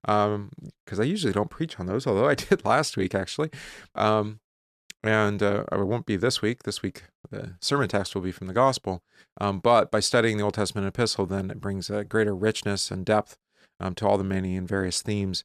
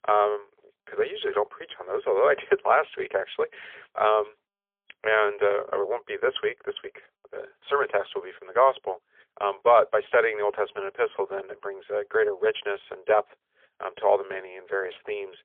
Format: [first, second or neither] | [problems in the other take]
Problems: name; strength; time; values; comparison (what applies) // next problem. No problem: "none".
first | phone-call audio; poor line; nothing above 3.5 kHz